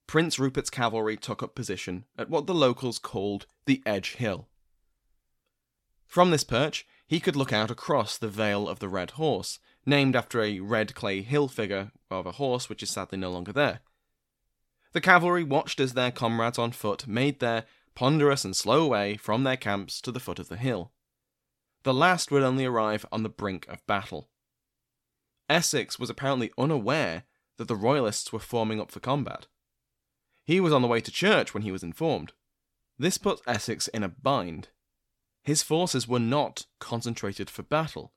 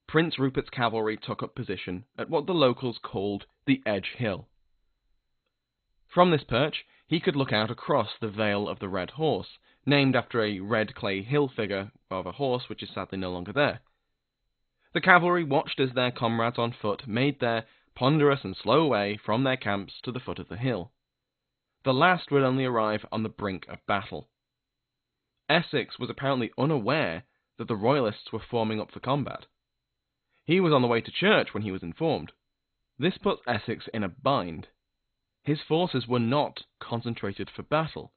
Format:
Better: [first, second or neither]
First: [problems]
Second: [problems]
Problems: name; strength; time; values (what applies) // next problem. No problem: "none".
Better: first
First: none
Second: garbled, watery; badly; nothing above 4 kHz